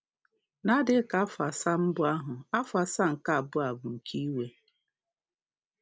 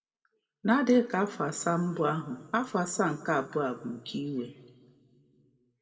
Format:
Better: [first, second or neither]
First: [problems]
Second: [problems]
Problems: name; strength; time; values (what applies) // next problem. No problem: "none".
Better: first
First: none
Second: room echo; dies away in 1.9 s